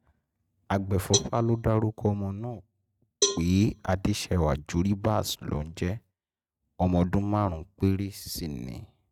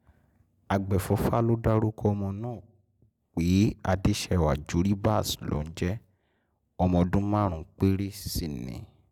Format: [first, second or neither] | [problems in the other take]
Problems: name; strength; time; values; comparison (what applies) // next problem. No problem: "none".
second | noise reduction (neural mask model RNNoise)